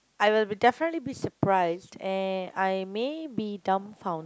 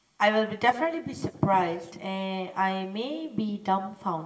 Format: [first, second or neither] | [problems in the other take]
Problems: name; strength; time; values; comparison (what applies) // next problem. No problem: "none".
first | room echo; dies away in 0.8 s